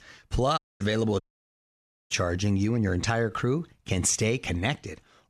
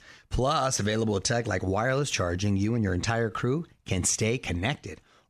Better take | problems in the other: second | audio cutting out; at 0.5 s and at 1 s for 1 s

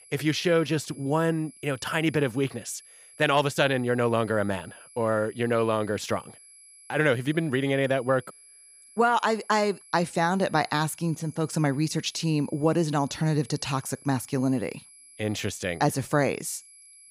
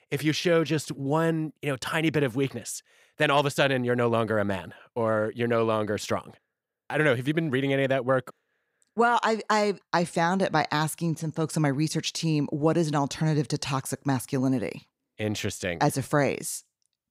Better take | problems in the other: second | high-pitched whine; faint; throughout; 11 kHz, 25 dB below the speech

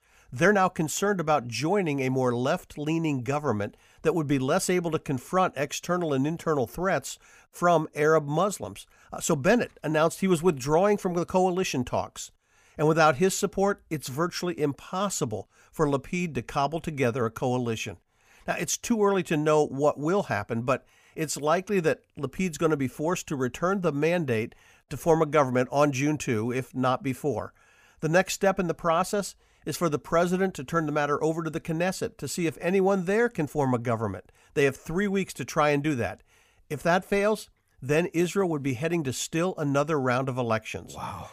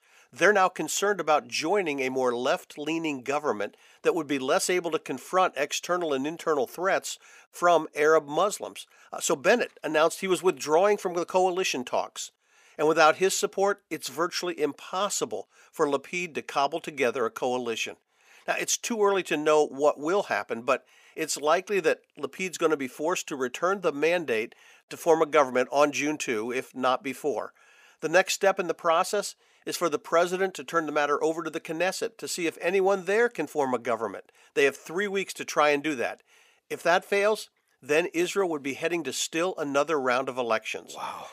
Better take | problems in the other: first | thin; somewhat; fading below 400 Hz

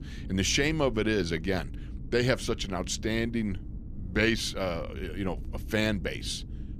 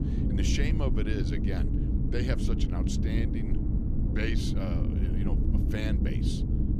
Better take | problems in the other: first | low rumble; loud; throughout; 1 dB below the speech; faint in the first

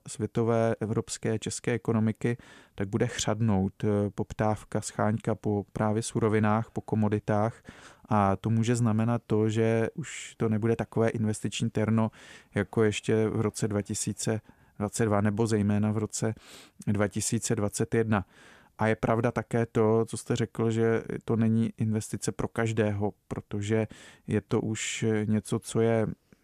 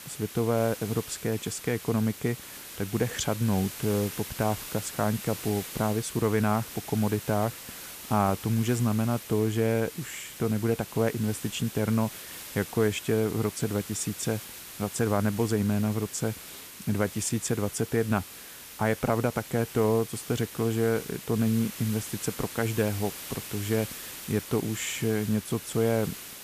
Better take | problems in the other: first | hiss; noticeable; throughout; 10 dB below the speech

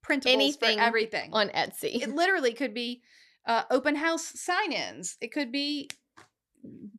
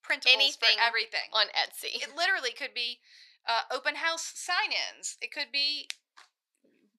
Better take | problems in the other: first | thin; very; fading below 900 Hz

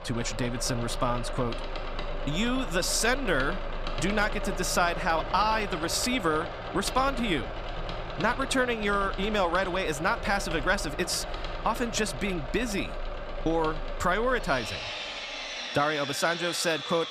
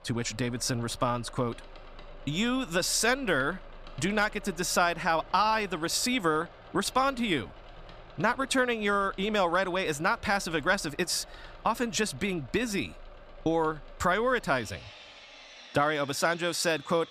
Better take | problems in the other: second | machinery noise; loud; throughout; 8 dB below the speech; faint in the second

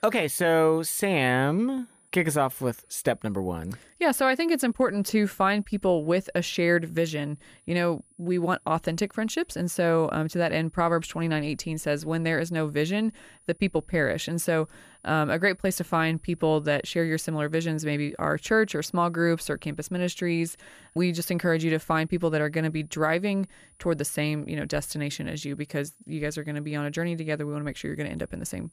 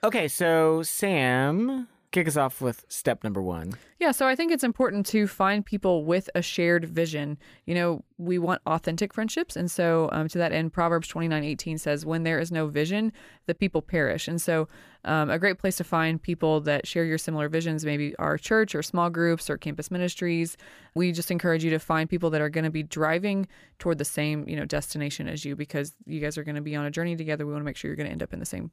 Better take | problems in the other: second | high-pitched whine; faint; throughout; 9.5 kHz, 30 dB below the speech

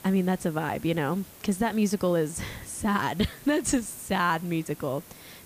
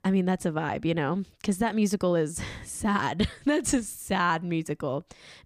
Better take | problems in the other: second | hiss; noticeable; throughout; 20 dB below the speech

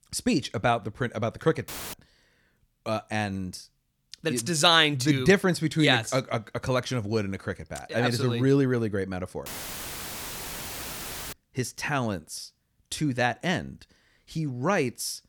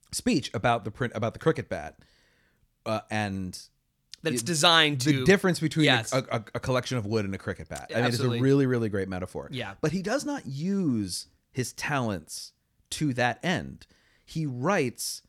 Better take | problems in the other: second | audio cutting out; filled with static; at 1.5 s and at 9.5 s for 2 s

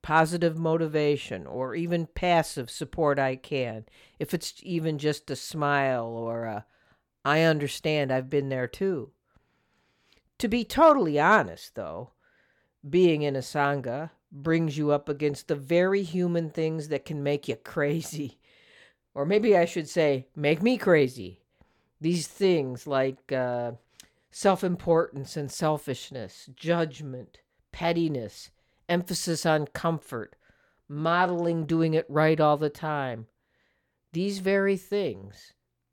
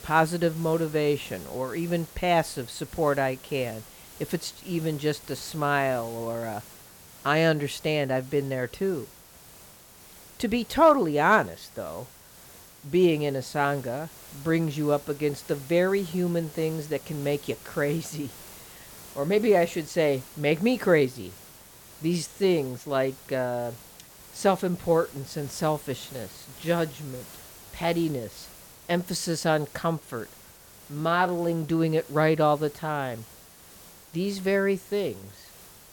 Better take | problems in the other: first | hiss; noticeable; throughout; 20 dB below the speech

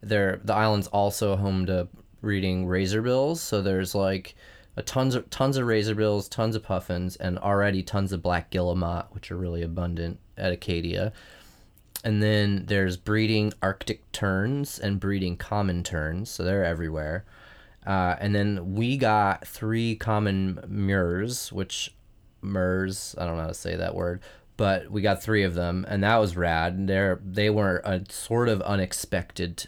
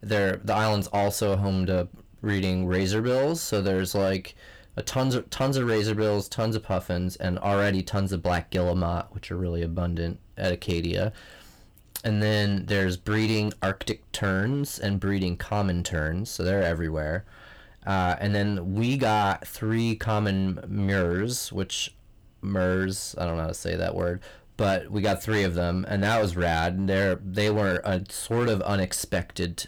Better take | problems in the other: first | distortion; slight; 9% of the sound clipped

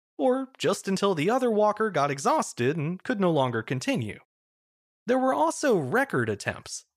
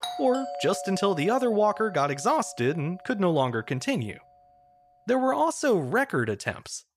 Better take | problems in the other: first | doorbell; noticeable; until 3 s; peak 7 dB below the speech

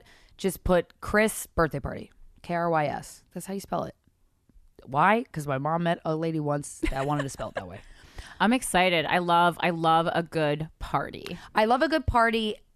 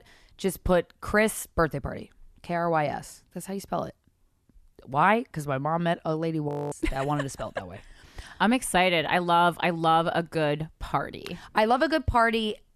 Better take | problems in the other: first | audio freezing; at 6.5 s

